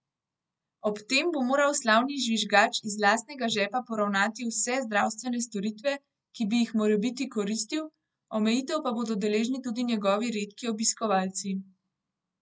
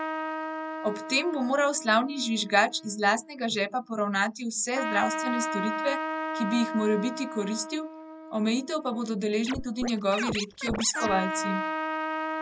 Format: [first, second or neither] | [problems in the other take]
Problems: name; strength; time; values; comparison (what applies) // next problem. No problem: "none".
first | background sound (Scratching (performance technique) + Trumpet); 6 dB below the speech